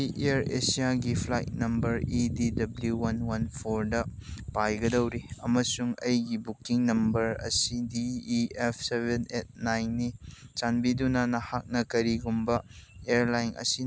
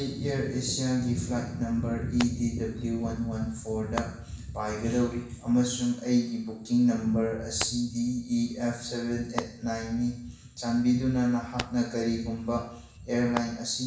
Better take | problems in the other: first | background sound (Hands); 15 dB below the speech // room echo; dies away in 0.7 s

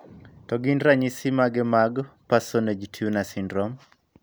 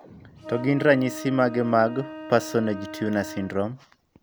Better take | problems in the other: first | background sound (Wind instrument, woodwind instrument); 13 dB below the speech

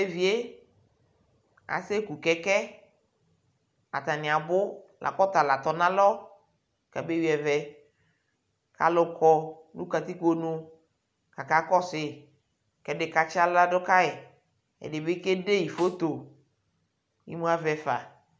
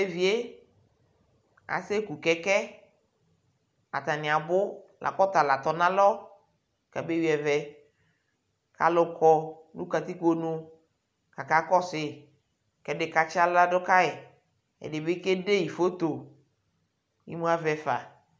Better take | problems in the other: second | background sound (Snare drum); 20 dB below the speech

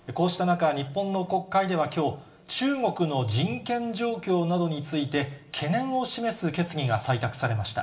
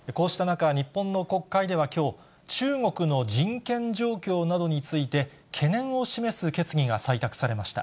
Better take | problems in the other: second | room echo; dies away in 0.6 s

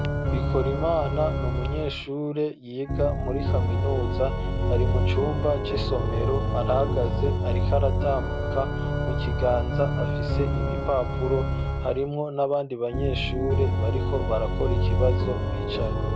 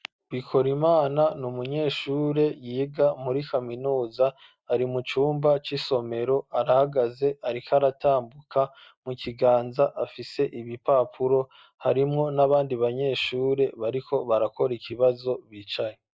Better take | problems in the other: second | background sound (Organ); 3 dB above the speech

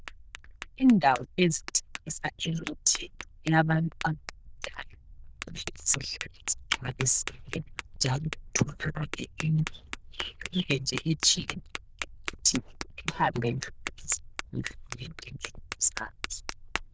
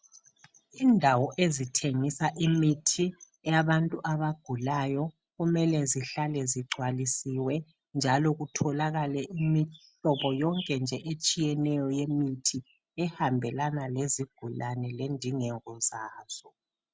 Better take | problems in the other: second | noise reduction (neural diffusion model UNIVERSE++)

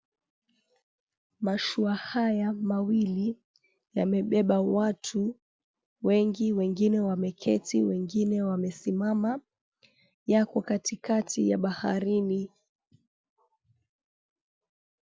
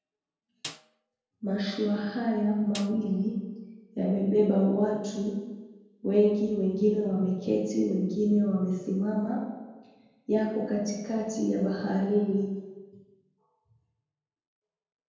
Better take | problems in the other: first | background sound (Snare drum); 17 dB below the speech // room echo; dies away in 1.2 s

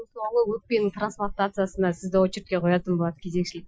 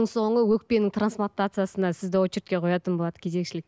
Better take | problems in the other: second | noise reduction (classical method Wiener filter)

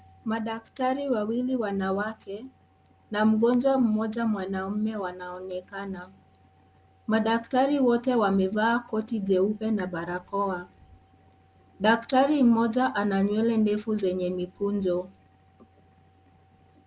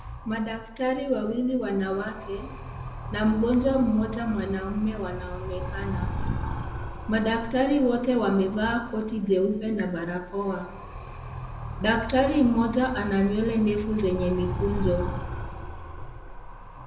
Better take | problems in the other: first | background sound (Animal); 8 dB below the speech // room echo; dies away in 0.7 s

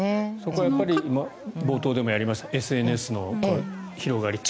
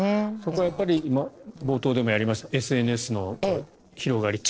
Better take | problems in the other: first | noise reduction (neural separator model SepFormer DNS4)

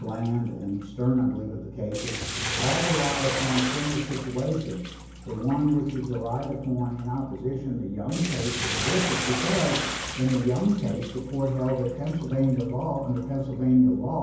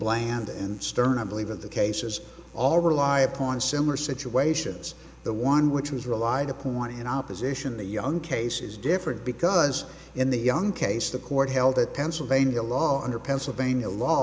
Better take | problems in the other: second | background sound (Bathtub (filling or washing)); 7 dB below the speech // room echo; dies away in 0.9 s

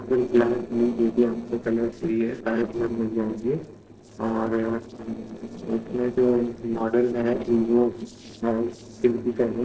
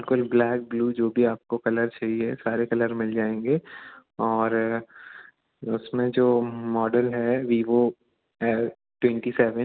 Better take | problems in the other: second | noise reduction (neural separator model SepFormer DNS4)

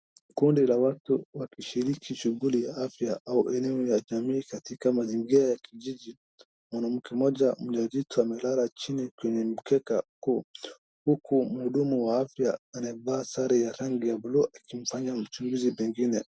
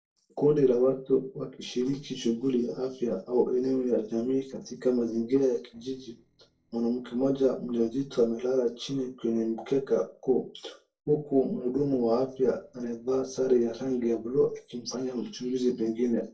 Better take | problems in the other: first | noise reduction (neural separator model SepFormer DNS4)

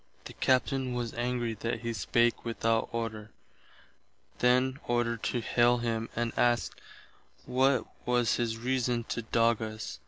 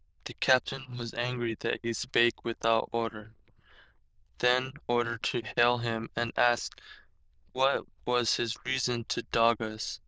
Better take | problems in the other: first | noise reduction (neural diffusion model UNIVERSE++)

